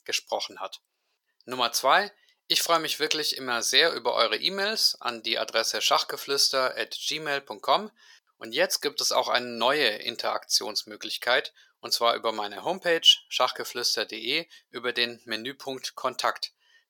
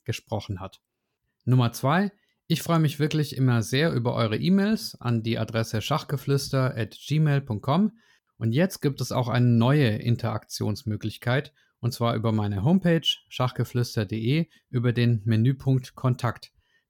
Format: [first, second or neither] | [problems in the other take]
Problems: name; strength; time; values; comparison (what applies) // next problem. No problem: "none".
second | thin; very; fading below 500 Hz